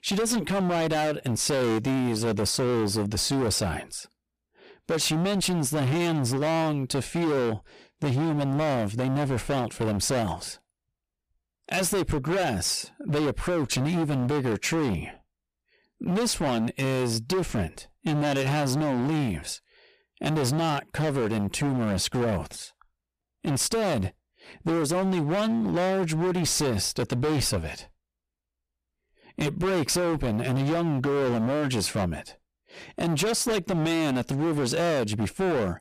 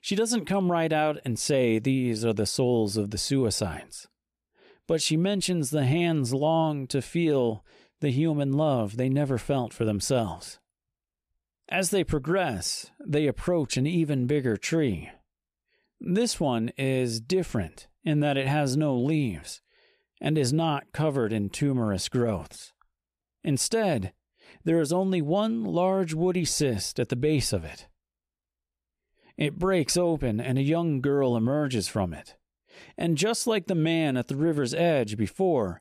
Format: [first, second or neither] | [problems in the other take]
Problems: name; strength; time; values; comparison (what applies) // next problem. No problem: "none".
second | distortion; heavy; 26% of the sound clipped